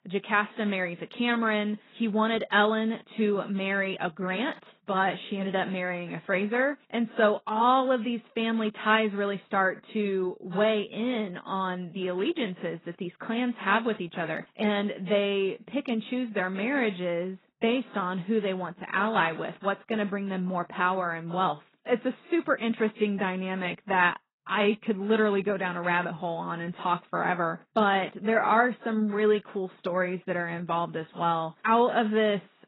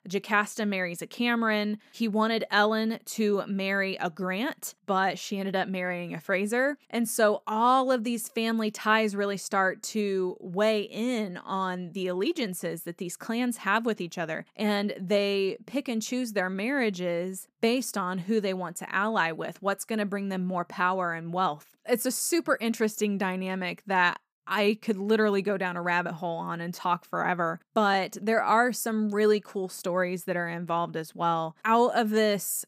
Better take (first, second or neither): second